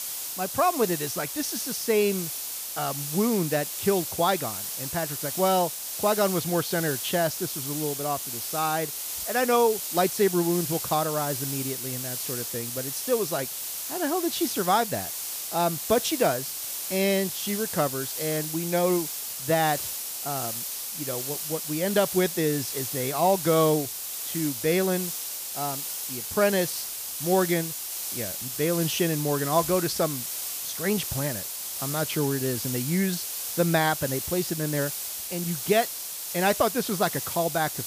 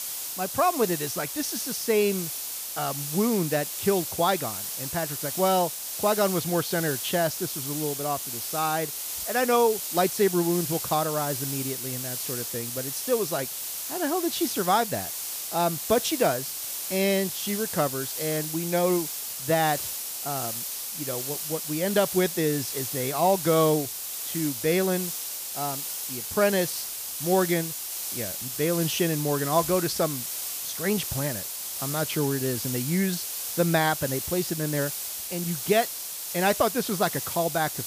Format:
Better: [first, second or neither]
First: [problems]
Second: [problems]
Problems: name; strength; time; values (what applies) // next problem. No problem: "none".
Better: neither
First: hiss; loud; throughout; 3 dB below the speech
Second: hiss; loud; throughout; 3 dB below the speech